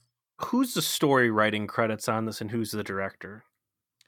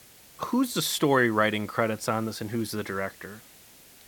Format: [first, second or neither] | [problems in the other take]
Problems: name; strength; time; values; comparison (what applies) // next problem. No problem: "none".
first | hiss; faint; throughout; 20 dB below the speech